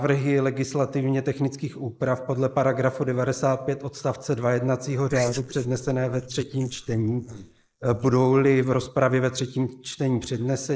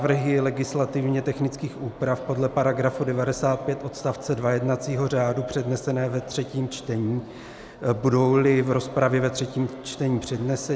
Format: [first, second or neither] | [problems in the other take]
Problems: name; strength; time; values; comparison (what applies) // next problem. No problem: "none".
second | noise reduction (neural mask model Resemble Enhance denoiser)